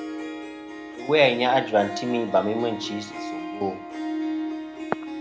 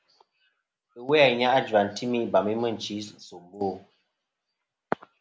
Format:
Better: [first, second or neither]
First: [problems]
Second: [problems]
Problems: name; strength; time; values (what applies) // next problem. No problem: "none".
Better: second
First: background sound (Harp); 7 dB below the speech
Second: none